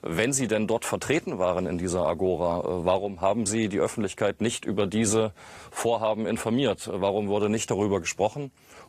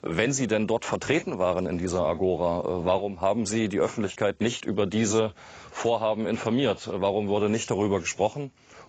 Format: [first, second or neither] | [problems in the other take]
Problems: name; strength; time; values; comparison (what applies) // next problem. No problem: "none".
first | garbled, watery; badly; nothing above 7.5 kHz; slightly in the first